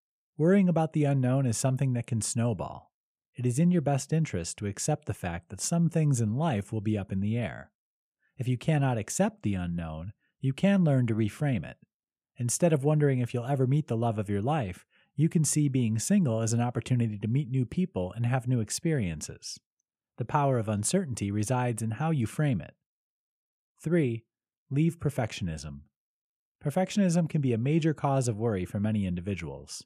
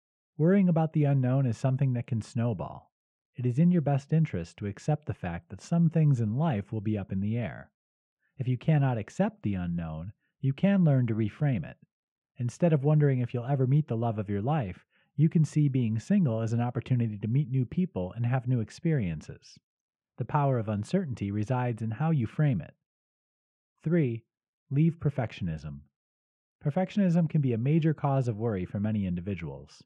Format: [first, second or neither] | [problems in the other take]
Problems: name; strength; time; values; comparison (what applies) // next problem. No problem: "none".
first | muffled; slightly; fading above 3 kHz